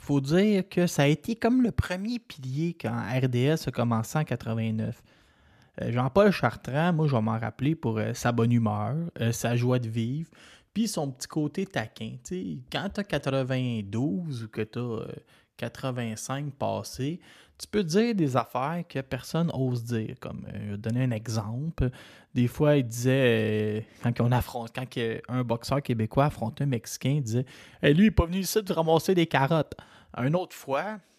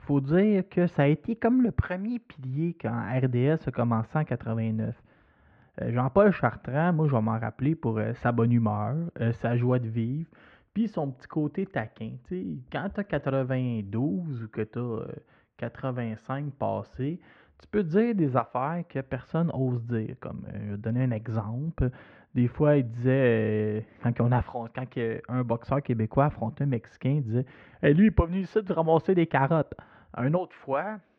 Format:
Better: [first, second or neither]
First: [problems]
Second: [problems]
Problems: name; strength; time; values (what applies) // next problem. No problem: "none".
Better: first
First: none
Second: muffled; very; fading above 2 kHz